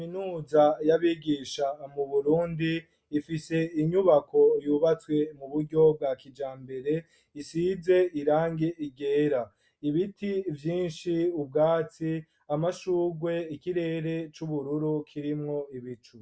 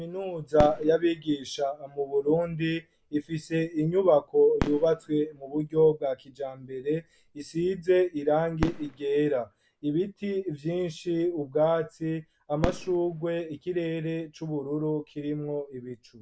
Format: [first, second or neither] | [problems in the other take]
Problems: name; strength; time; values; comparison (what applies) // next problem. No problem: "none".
first | background sound (Fireworks); 14 dB below the speech